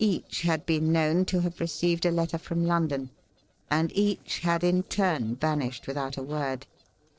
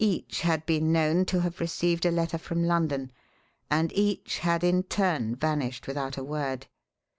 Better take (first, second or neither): second